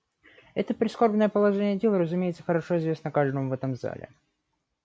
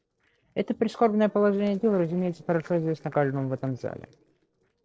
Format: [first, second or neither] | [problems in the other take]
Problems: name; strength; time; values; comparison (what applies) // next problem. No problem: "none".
first | noise reduction (neural separator model SepFormer DNS4)